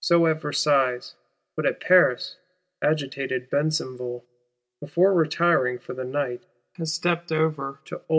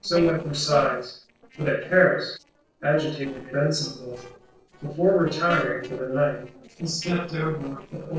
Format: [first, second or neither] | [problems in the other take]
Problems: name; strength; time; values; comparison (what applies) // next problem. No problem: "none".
first | noise reduction (neural separator model SepFormer DNS4)